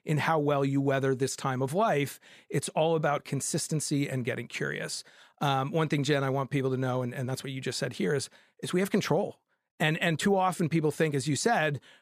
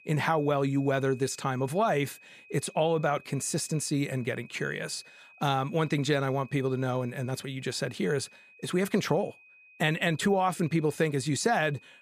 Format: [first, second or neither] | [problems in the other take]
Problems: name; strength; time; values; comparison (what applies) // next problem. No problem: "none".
first | high-pitched whine; faint; throughout; 2.5 kHz, 25 dB below the speech